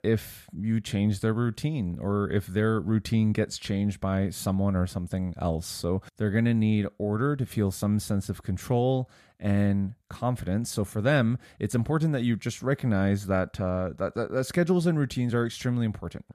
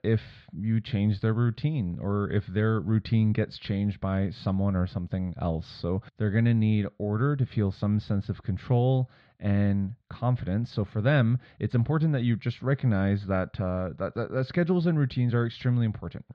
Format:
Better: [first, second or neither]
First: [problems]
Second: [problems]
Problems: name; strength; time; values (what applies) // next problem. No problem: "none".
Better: first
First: none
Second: muffled; very slightly; fading above 4 kHz